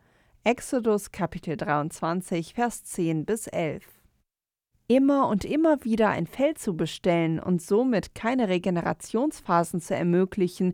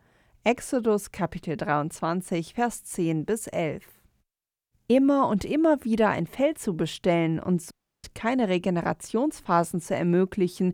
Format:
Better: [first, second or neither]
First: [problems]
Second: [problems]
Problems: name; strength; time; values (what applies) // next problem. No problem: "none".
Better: first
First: none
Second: audio cutting out; at 7.5 s